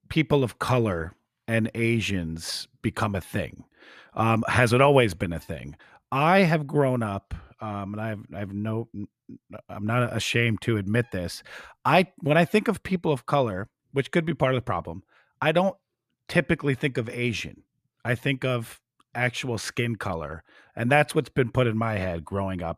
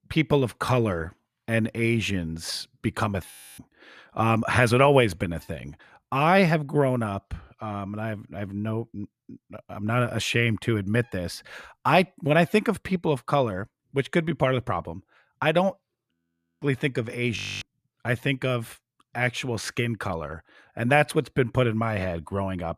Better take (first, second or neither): first